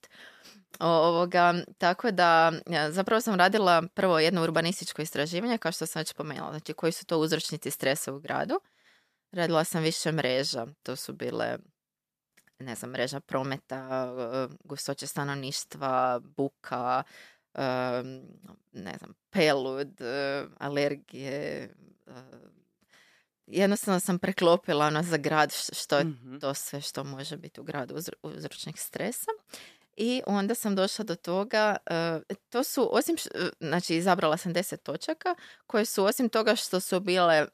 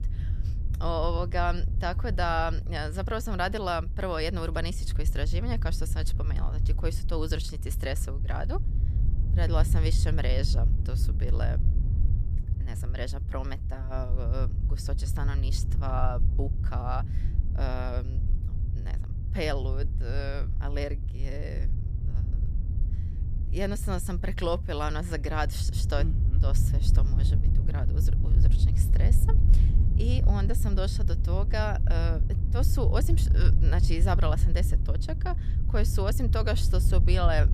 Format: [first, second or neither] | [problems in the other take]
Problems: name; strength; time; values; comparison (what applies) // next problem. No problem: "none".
first | low rumble; noticeable; throughout; 10 dB below the speech